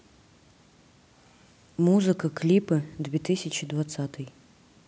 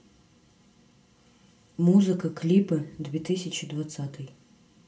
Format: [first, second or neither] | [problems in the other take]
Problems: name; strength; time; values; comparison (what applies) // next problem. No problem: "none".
first | room echo; dies away in 0.2 s